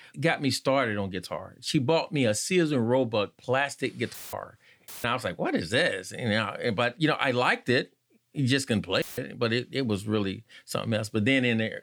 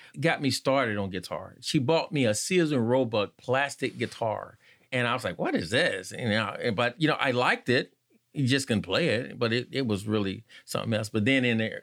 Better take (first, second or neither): second